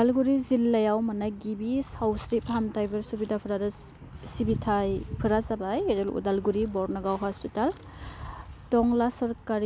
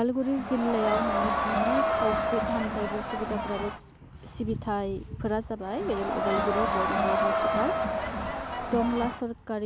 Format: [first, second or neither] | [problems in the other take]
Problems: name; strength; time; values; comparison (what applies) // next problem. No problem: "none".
first | background sound (Crowd); 2 dB above the speech